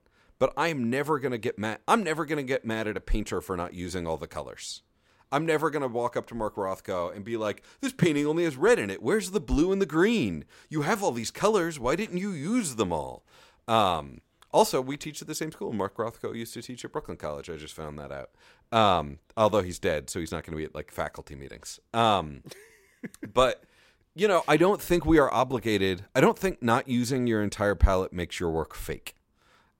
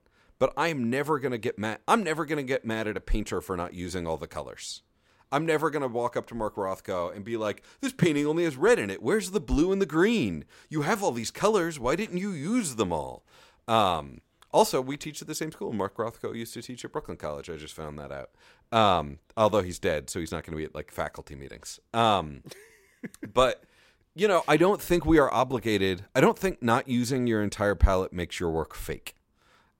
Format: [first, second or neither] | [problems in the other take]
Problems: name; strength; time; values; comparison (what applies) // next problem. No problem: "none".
neither | none